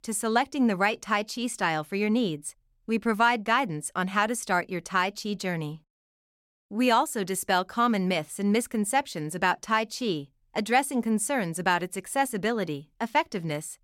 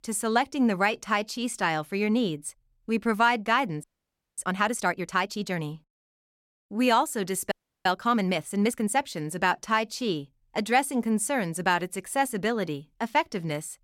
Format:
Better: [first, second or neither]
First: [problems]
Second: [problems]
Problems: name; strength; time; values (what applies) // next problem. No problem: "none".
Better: first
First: none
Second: audio freezing; at 4 s for 0.5 s and at 7.5 s